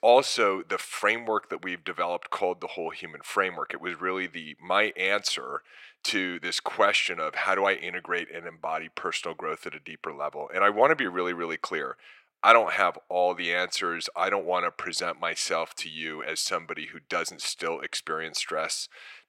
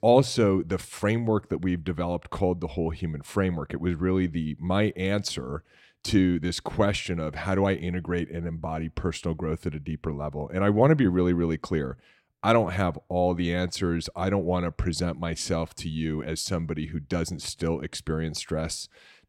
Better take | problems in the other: second | thin; very; fading below 650 Hz

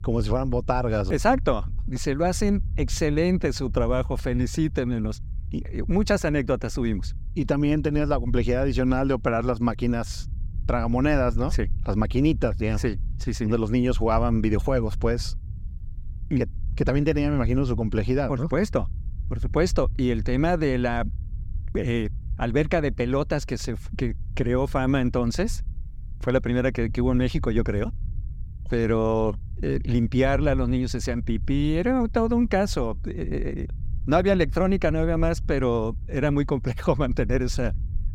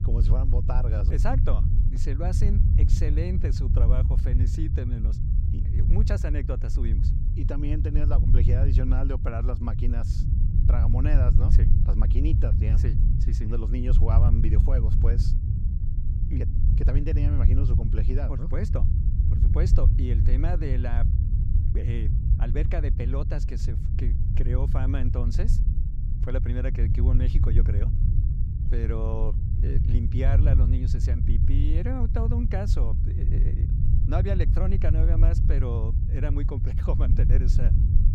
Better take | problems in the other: first | low rumble; loud; throughout; 3 dB below the speech; faint in the first

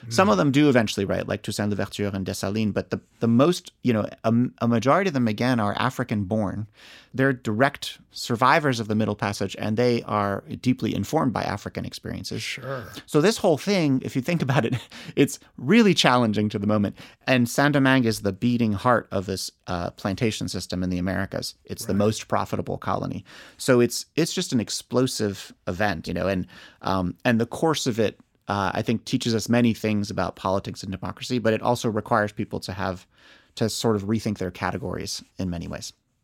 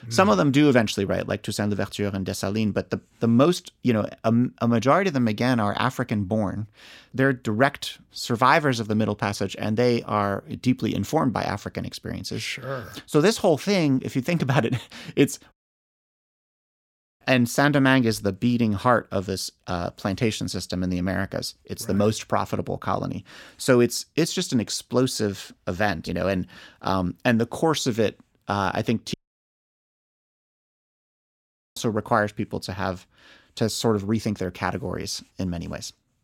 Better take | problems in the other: first | audio cutting out; at 16 s for 1.5 s and at 29 s for 2.5 s

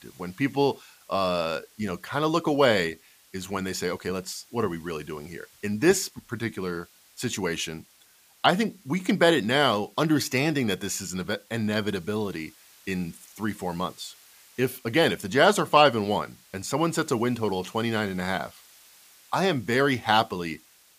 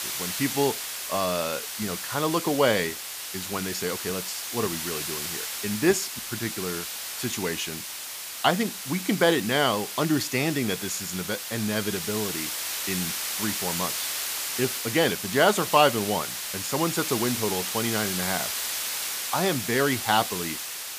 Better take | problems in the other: first | hiss; loud; throughout; 3 dB below the speech; faint in the first

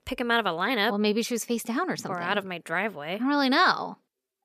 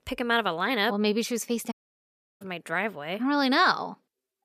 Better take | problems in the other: first | audio cutting out; at 1.5 s for 0.5 s

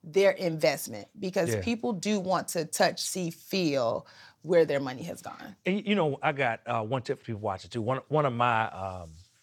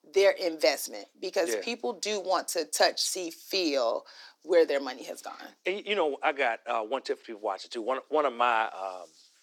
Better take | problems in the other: first | thin; somewhat; fading below 300 Hz

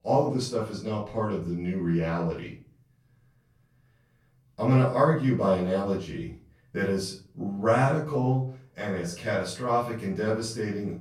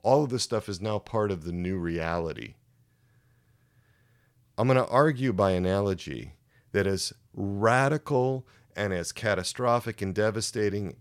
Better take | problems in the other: second | off-mic speech; far // room echo; noticeable; dies away in 0.4 s

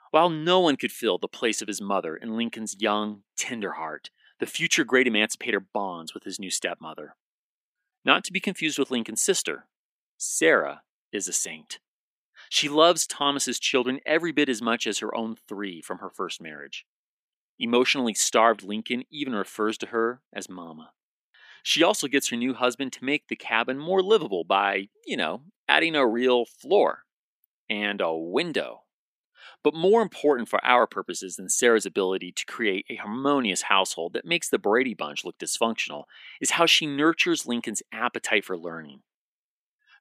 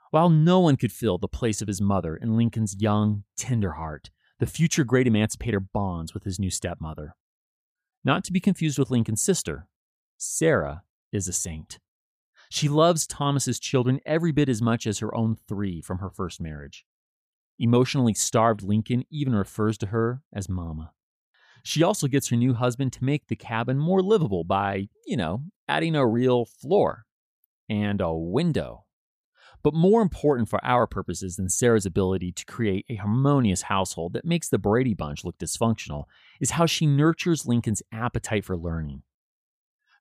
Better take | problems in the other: second | thin; somewhat; fading below 250 Hz

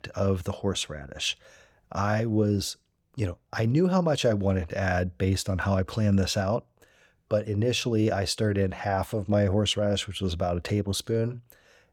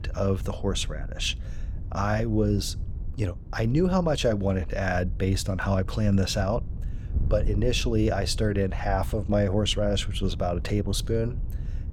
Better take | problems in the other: first | wind noise on the microphone; occasional gusts; 20 dB below the speech

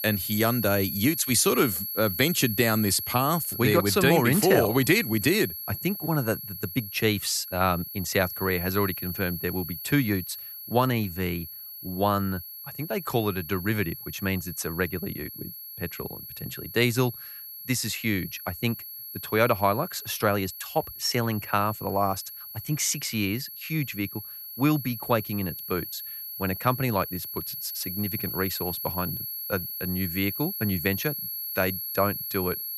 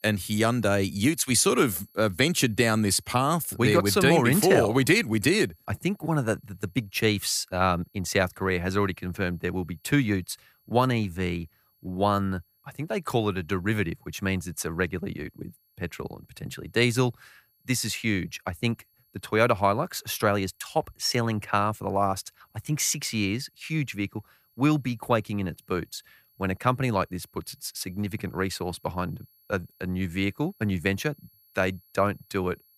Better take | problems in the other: second | high-pitched whine; loud; throughout; 11.5 kHz, 7 dB below the speech; faint in the second

